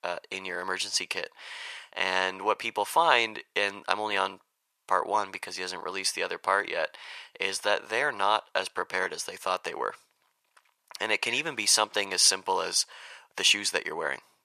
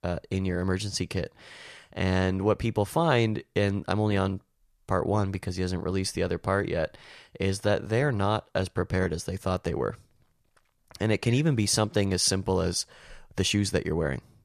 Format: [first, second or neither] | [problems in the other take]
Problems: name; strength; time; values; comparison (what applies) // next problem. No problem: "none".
second | thin; very; fading below 750 Hz